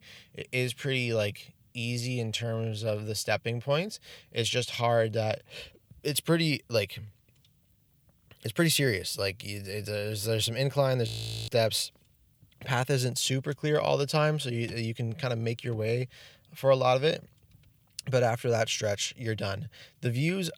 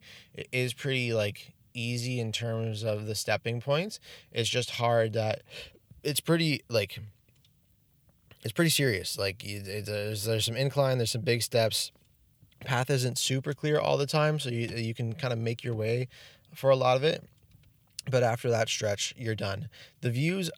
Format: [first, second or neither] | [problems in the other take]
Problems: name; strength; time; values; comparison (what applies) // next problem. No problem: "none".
second | audio freezing; at 11 s